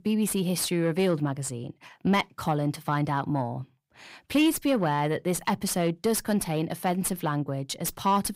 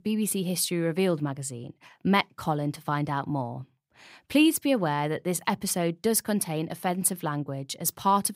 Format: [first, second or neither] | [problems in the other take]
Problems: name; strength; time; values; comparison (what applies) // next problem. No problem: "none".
second | distortion; slight; 10 dB below the speech